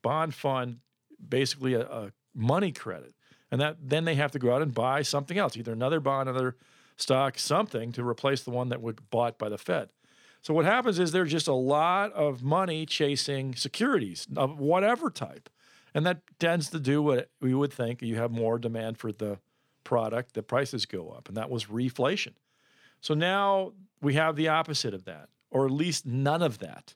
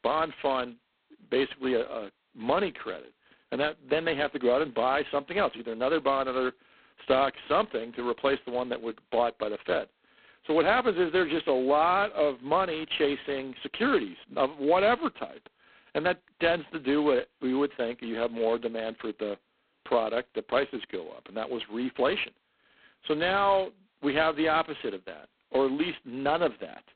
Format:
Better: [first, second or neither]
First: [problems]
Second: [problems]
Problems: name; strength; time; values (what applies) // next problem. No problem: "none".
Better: first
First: none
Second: phone-call audio; poor line; nothing above 4 kHz